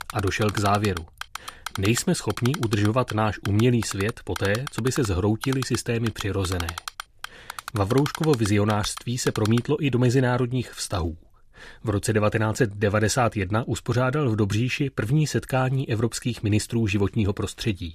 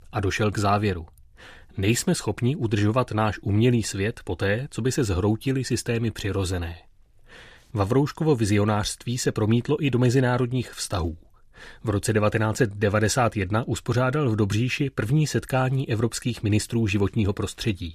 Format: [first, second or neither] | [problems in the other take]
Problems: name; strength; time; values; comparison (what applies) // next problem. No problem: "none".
second | keyboard typing; noticeable; until 9.5 s; peak 8 dB below the speech